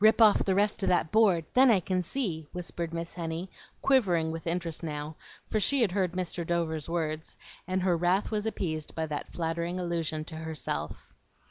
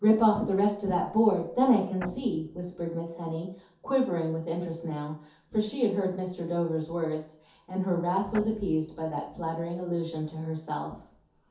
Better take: first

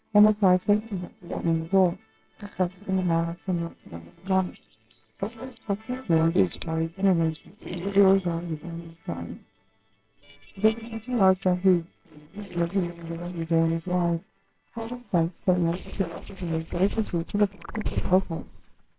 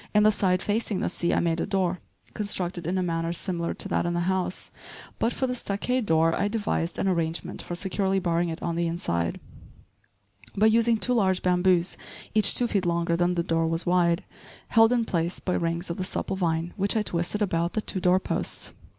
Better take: second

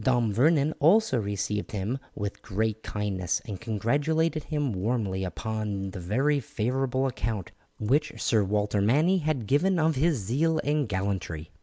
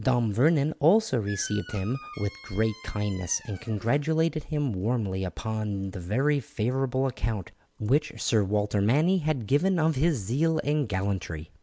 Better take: first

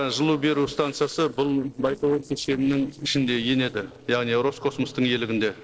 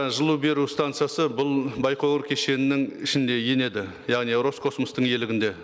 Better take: second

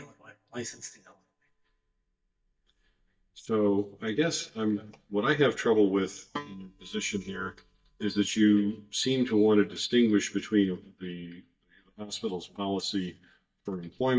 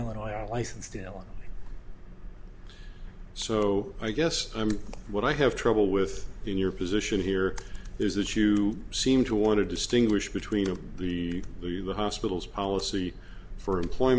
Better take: second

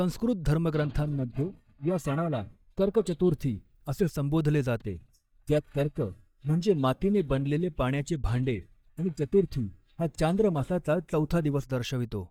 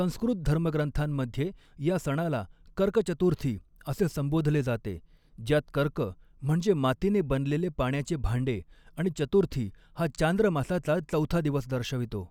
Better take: second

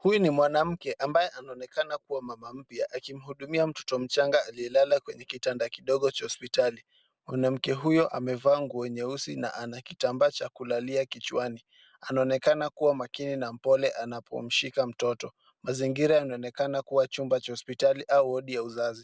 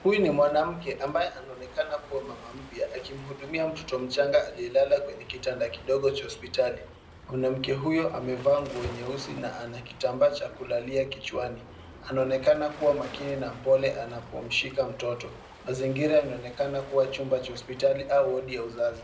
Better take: first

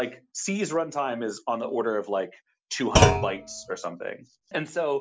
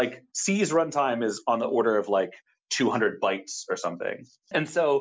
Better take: second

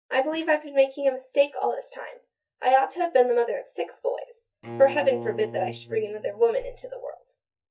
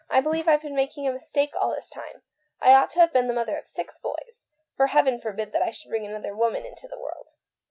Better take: second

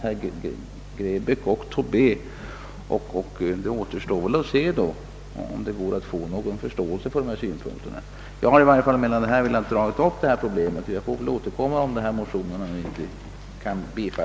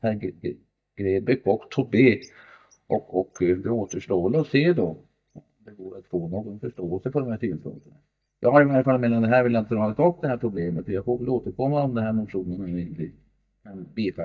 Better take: first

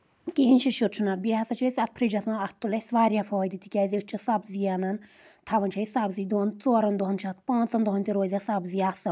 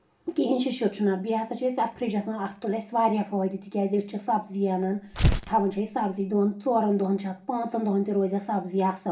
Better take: first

